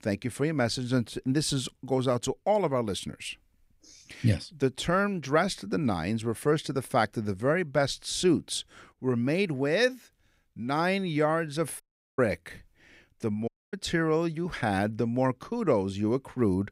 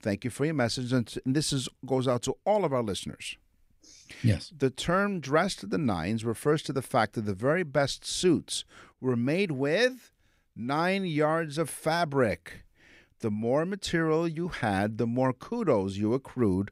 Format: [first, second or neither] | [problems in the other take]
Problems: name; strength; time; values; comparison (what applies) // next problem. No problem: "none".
second | audio cutting out; at 12 s and at 13 s